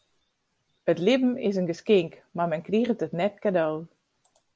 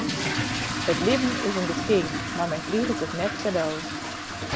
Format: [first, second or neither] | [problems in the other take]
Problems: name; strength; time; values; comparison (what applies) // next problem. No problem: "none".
first | background sound (Fill (with liquid) / Toilet flush); 1 dB below the speech